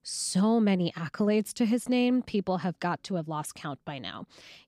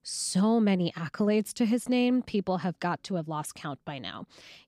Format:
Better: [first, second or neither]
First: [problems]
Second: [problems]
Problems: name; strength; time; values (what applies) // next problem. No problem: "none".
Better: neither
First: none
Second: none